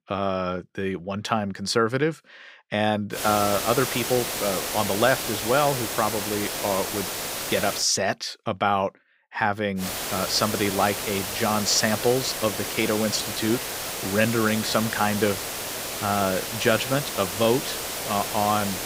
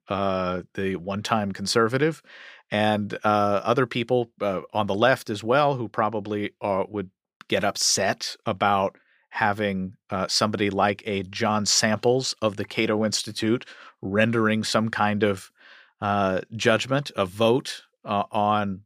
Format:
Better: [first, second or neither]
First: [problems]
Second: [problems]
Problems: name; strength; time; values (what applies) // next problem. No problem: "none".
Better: second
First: hiss; loud; from 3 to 8 s and from 10 s on; 4 dB below the speech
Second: none